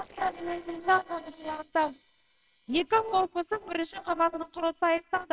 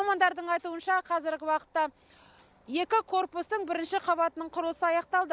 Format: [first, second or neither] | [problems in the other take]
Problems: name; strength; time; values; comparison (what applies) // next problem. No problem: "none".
second | noise reduction (neural separator model SepFormer WHAMR!)